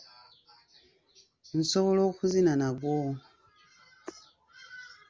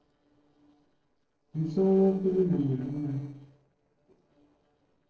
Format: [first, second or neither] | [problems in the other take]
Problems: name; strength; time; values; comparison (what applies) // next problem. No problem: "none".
first | noise reduction (neural separator model SepFormer DNS4)